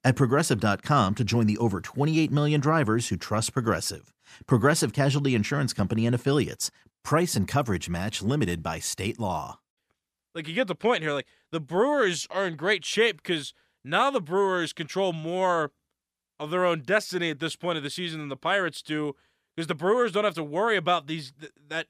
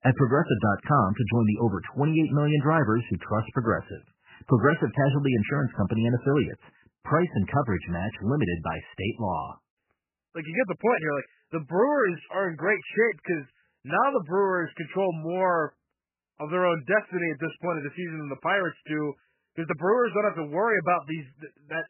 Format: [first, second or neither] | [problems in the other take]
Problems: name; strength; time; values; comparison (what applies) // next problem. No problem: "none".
first | garbled, watery; badly; nothing above 3 kHz